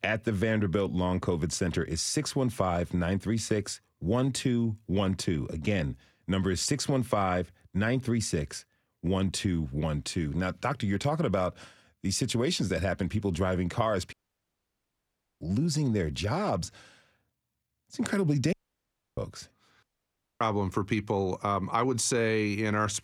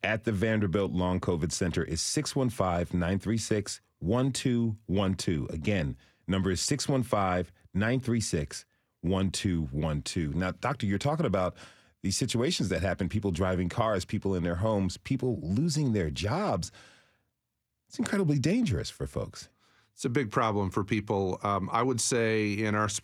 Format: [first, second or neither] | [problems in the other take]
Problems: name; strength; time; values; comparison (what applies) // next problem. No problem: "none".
second | audio cutting out; at 14 s for 1.5 s, at 19 s for 0.5 s and at 20 s for 0.5 s